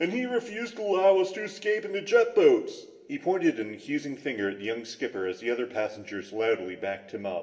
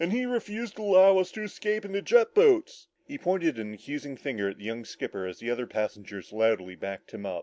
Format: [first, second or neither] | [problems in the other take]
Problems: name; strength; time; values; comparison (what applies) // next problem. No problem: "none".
second | room echo; dies away in 0.8 s